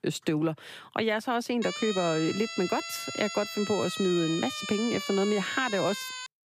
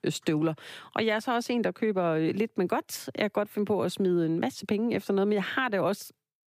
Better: second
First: siren; noticeable; from 1.5 s on; peak 5 dB below the speech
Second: none

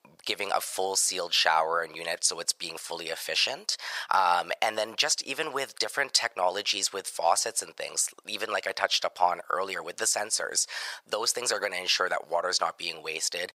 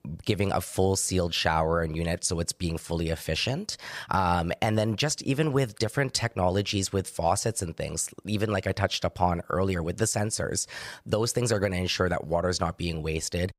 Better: second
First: thin; very; fading below 850 Hz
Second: none

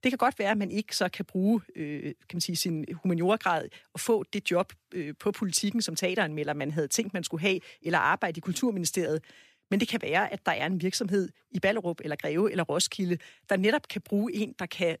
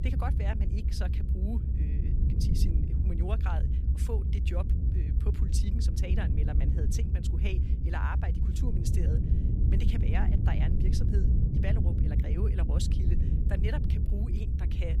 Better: first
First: none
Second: low rumble; loud; throughout; 1 dB below the speech

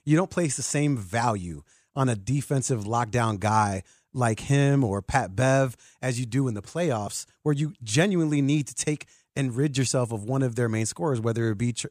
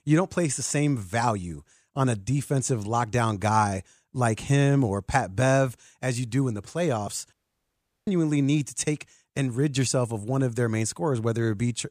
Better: first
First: none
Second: audio cutting out; at 7.5 s for 0.5 s

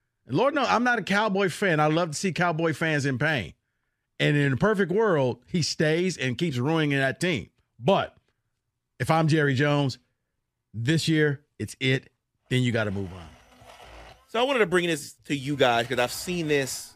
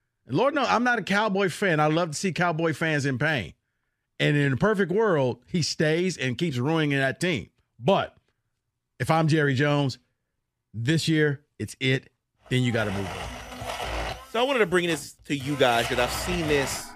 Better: first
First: household noises; faint; from 13 s on; 25 dB below the speech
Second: household noises; loud; from 13 s on; 9 dB below the speech

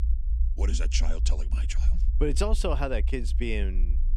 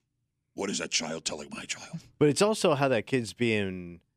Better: second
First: low rumble; noticeable; throughout; 15 dB below the speech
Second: none

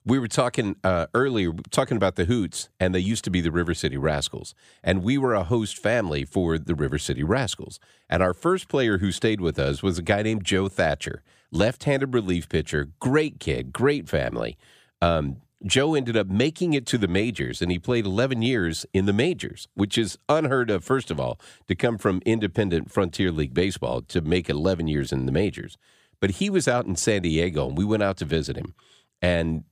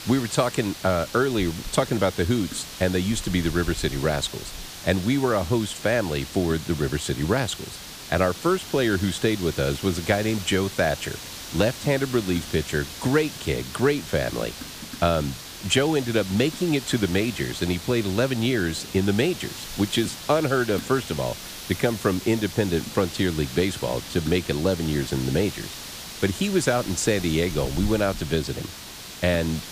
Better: first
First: none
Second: hiss; noticeable; throughout; 10 dB below the speech

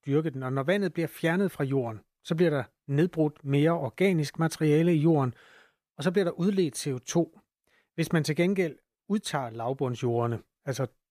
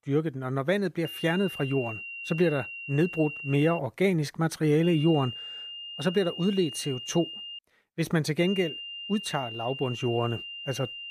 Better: first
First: none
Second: high-pitched whine; loud; from 1 to 4 s, from 5 to 7.5 s and from 8.5 s on; 3 kHz, 9 dB below the speech

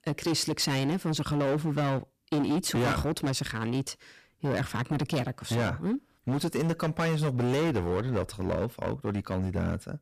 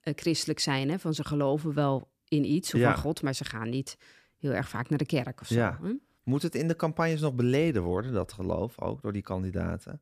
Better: second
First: distortion; heavy; 16% of the sound clipped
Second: none

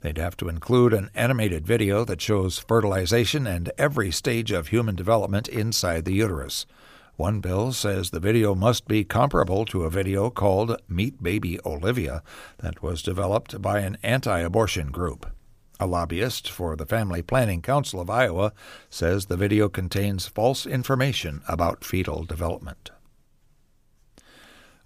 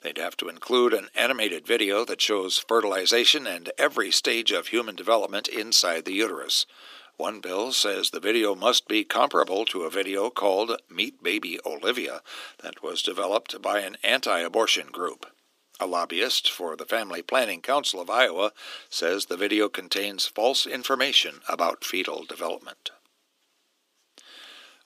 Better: first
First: none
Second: thin; somewhat; fading below 300 Hz

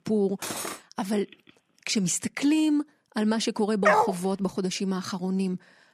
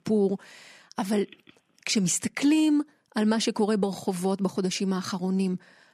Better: second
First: clattering dishes; noticeable; at 0.5 s; peak 4 dB below the speech // dog barking; loud; at 4 s; peak 6 dB above the speech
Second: none

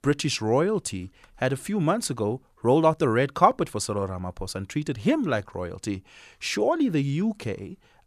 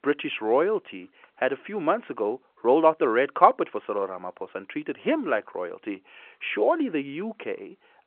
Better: first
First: none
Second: phone-call audio

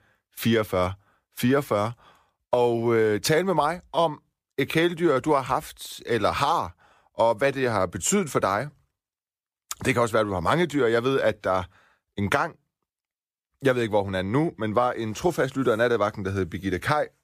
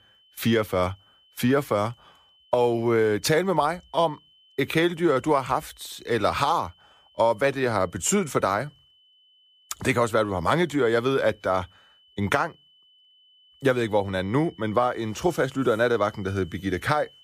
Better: first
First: none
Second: high-pitched whine; faint; throughout; 3 kHz, 30 dB below the speech

